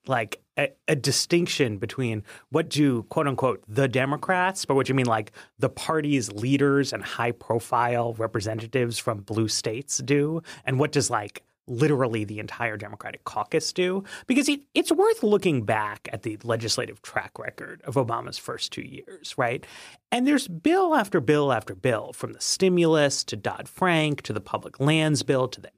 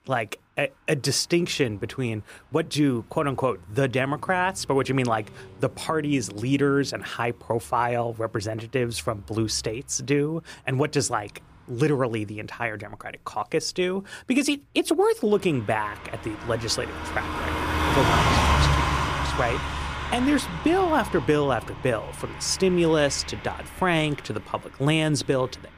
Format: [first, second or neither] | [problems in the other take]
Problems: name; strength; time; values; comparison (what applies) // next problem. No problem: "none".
first | traffic noise; loud; throughout; 2 dB below the speech